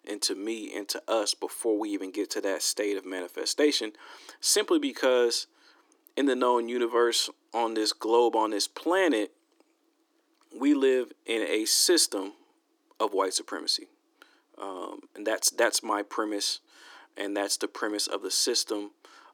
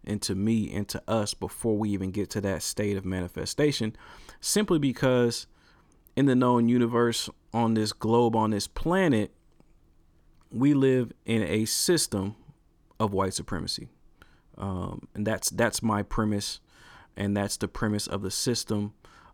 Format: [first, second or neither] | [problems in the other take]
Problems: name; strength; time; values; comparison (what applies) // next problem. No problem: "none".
second | thin; somewhat; fading below 300 Hz